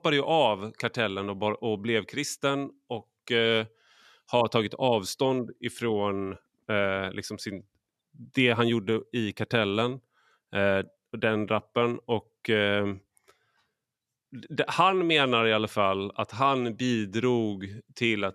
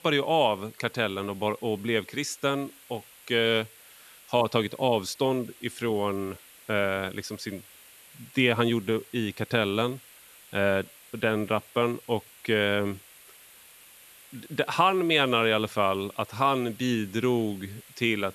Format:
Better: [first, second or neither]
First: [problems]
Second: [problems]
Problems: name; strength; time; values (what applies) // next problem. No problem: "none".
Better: first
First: none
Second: hiss; faint; throughout; 20 dB below the speech